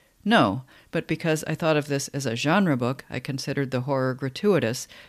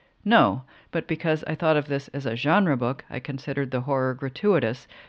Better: first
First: none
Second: muffled; slightly; fading above 3.5 kHz

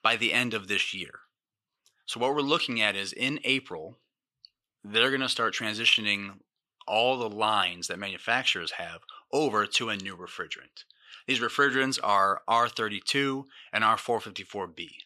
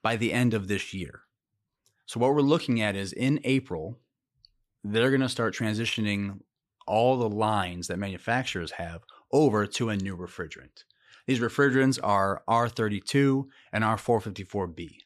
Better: second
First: thin; somewhat; fading below 500 Hz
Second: none

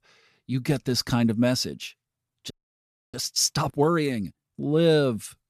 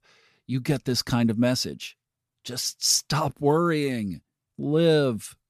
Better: second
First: audio freezing; at 2.5 s for 0.5 s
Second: none

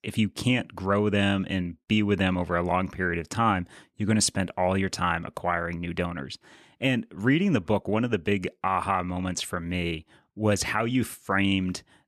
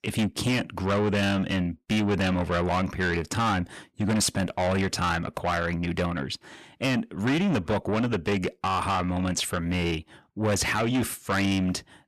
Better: first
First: none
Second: distortion; heavy; 7 dB below the speech

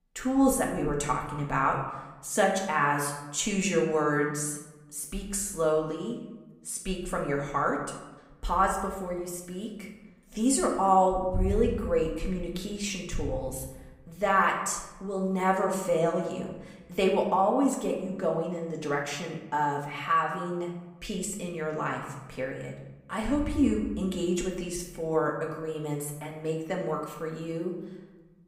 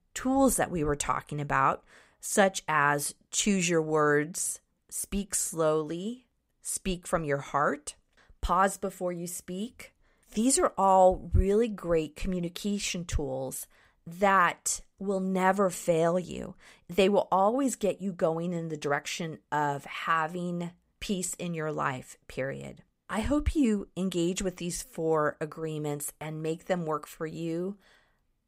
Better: second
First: room echo; slight; dies away in 0.9 s // off-mic speech; somewhat distant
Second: none

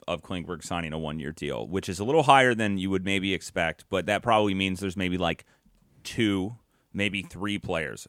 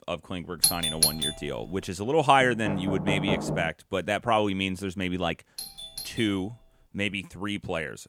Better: first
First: none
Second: doorbell; loud; at 0.5 s; peak 6 dB above the speech // door banging; noticeable; from 2.5 to 3.5 s; peak level with the speech // doorbell; noticeable; from 5.5 to 6.5 s; peak 9 dB below the speech

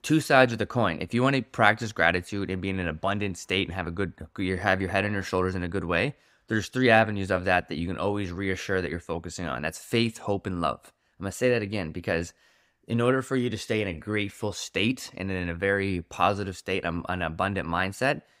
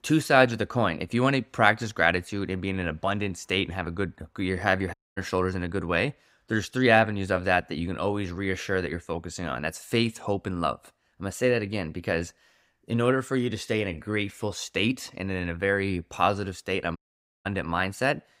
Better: first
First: none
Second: audio cutting out; at 5 s and at 17 s

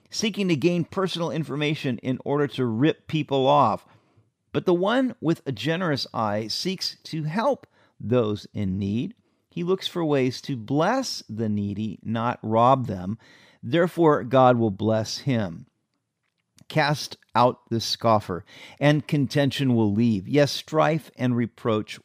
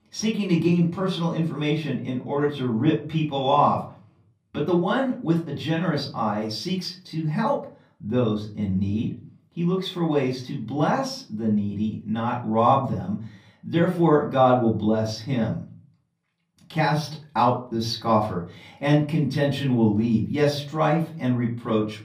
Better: first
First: none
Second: off-mic speech; far // room echo; very slight; dies away in 0.4 s

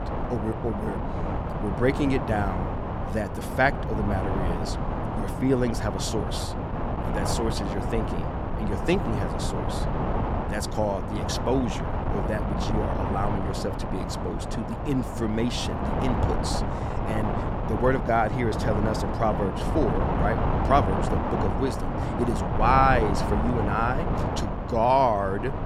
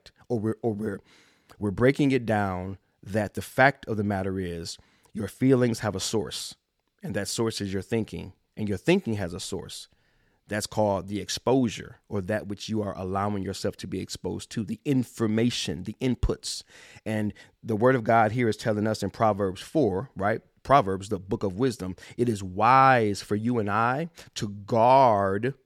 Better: second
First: wind noise on the microphone; heavy; 4 dB below the speech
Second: none

